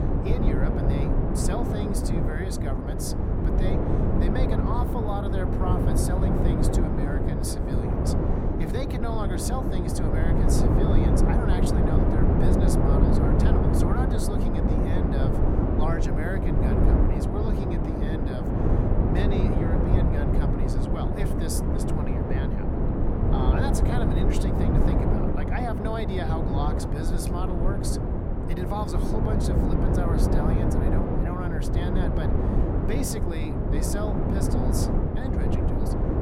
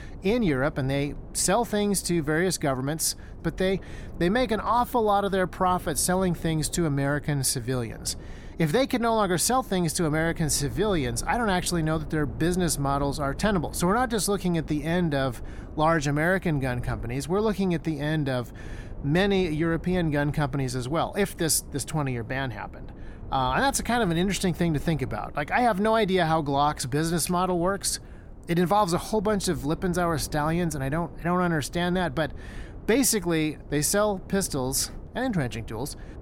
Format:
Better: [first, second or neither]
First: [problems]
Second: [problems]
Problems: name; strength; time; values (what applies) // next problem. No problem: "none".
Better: second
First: wind noise on the microphone; heavy; 4 dB above the speech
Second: wind noise on the microphone; occasional gusts; 25 dB below the speech